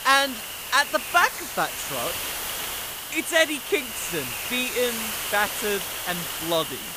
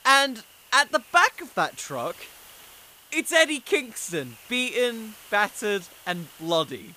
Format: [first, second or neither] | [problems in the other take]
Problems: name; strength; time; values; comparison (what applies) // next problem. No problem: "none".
second | hiss; loud; throughout; 4 dB below the speech; faint in the second